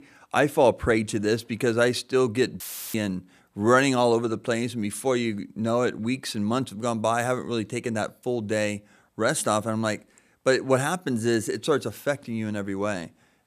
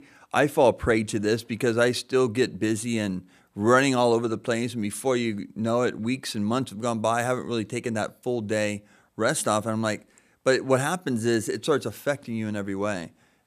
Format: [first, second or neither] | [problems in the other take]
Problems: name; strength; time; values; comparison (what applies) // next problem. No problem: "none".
second | audio cutting out; filled with static; at 2.5 s